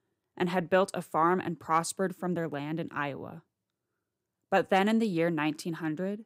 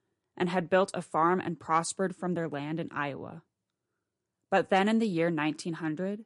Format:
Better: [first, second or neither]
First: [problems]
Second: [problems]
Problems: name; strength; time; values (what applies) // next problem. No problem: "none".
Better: first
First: none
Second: garbled, watery; slightly; nothing above 10 kHz